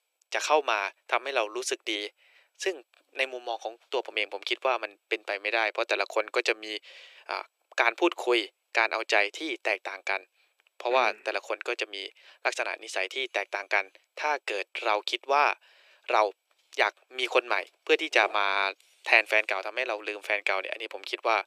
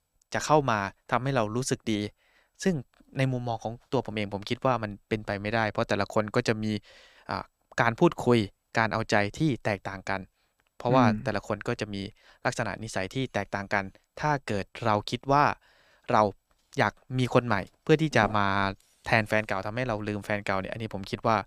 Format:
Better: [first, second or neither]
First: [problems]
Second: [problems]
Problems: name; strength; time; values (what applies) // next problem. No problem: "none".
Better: second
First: thin; very; fading below 350 Hz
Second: none